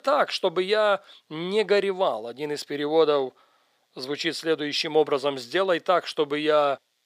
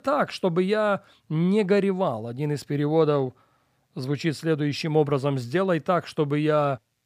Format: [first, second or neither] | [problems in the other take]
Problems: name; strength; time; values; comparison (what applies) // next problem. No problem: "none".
second | thin; somewhat; fading below 450 Hz